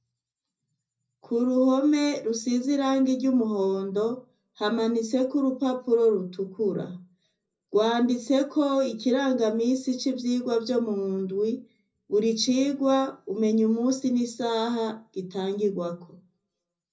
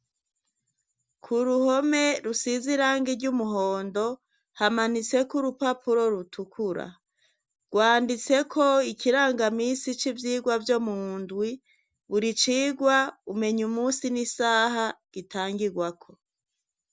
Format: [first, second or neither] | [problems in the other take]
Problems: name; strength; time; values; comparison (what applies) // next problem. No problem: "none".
second | room echo; dies away in 0.4 s